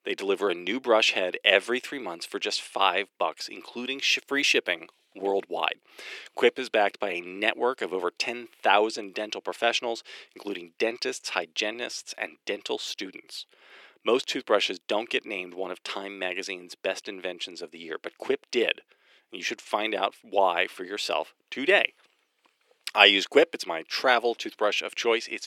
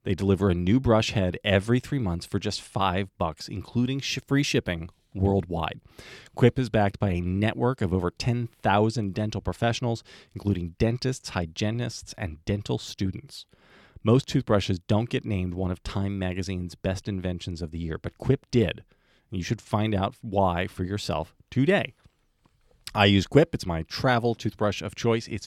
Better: second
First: thin; very; fading below 350 Hz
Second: none

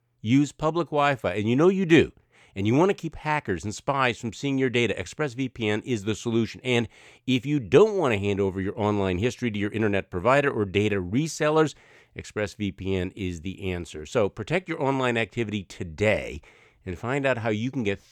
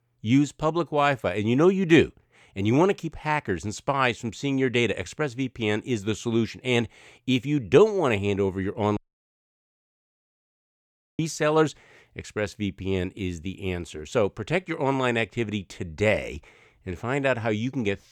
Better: first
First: none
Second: audio cutting out; at 9 s for 2 s

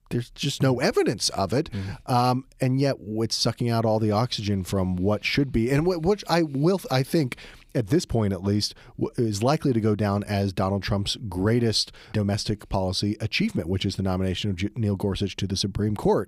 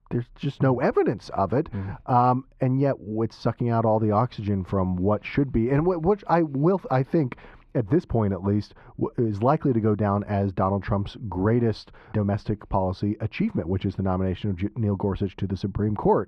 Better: first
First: none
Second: muffled; very; fading above 3.5 kHz

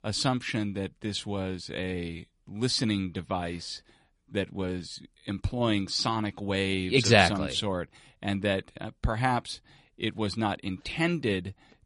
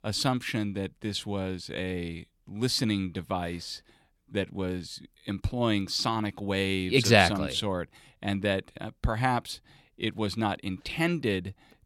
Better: second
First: garbled, watery; slightly; nothing above 10.5 kHz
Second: none

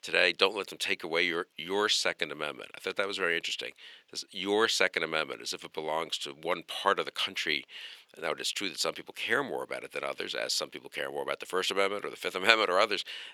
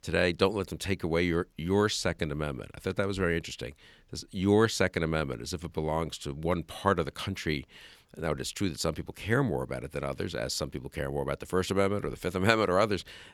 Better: second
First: thin; somewhat; fading below 450 Hz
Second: none

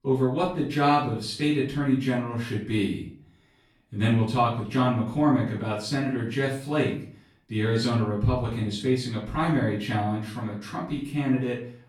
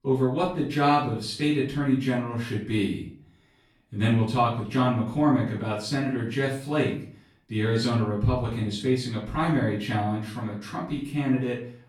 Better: neither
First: off-mic speech; far // room echo; noticeable; dies away in 0.5 s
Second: off-mic speech; far // room echo; noticeable; dies away in 0.5 s

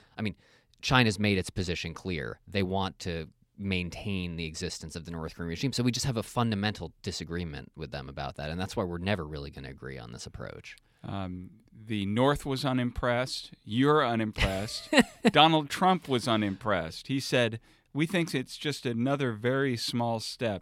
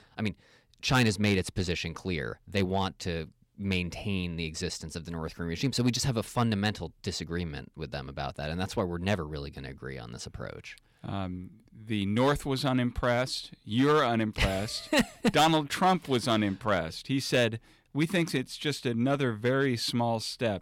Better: first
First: none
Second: distortion; slight; 1.8% of the sound clipped

